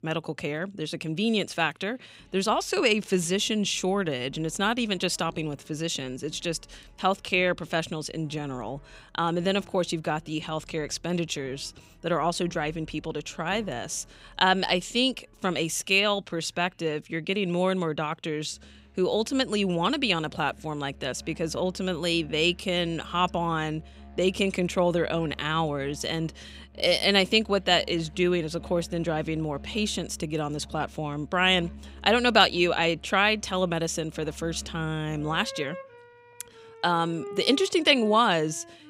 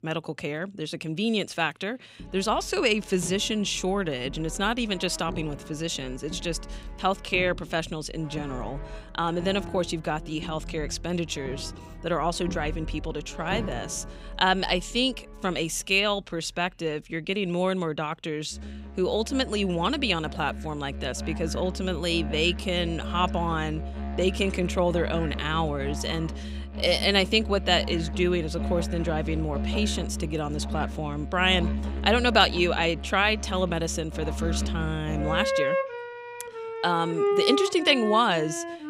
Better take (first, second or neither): first